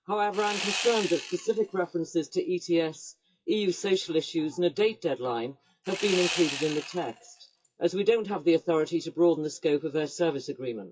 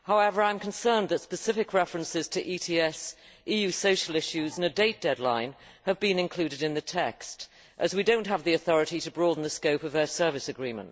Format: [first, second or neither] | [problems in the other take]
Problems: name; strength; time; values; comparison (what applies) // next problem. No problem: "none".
second | noise reduction (classical method WPE with log-MMSE)